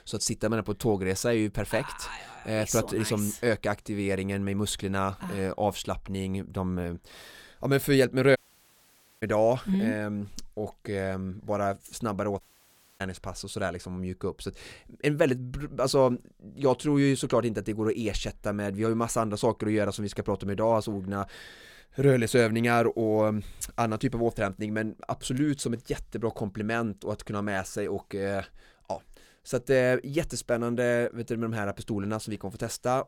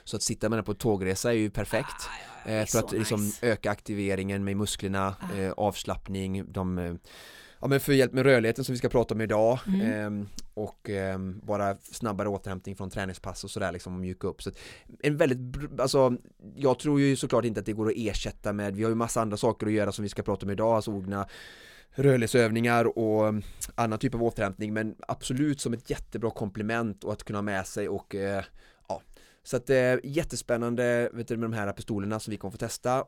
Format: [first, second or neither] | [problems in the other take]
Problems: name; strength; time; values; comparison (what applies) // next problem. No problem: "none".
second | audio cutting out; at 8.5 s for 1 s and at 12 s for 0.5 s